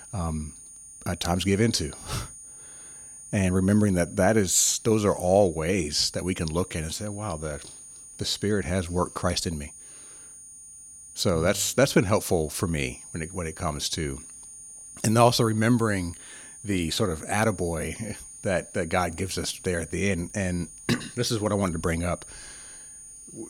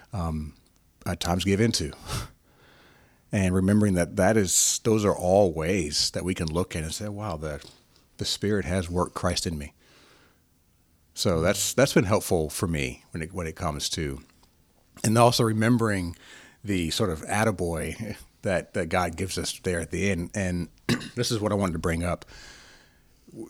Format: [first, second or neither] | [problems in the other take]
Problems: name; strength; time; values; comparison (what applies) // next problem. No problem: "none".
second | high-pitched whine; noticeable; throughout; 9 kHz, 15 dB below the speech